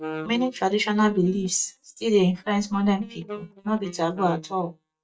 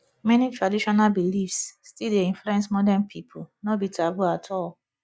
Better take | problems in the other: second | noise reduction (neural mask model DeepFilterNet 3)

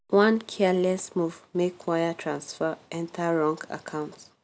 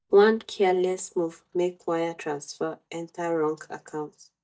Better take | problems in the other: first | noise reduction (neural mask model DeepFilterNet 3)

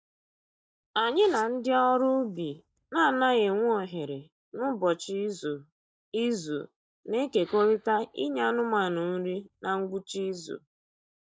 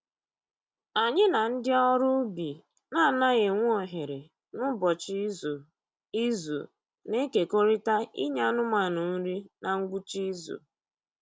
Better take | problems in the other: second | noise reduction (neural mask model DeepFilterNet 3)

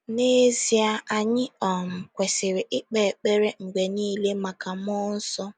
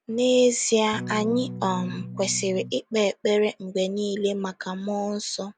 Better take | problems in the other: first | background sound (Electric guitar / Strum); 10 dB below the speech

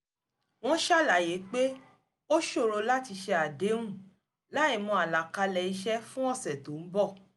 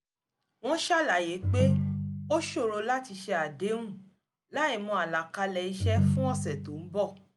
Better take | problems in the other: first | background sound (Ringtone); 2 dB above the speech

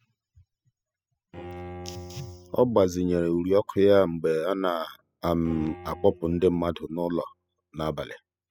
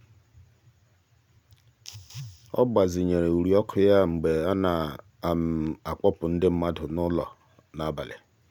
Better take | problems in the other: second | noise reduction (classical method spectral subtraction)

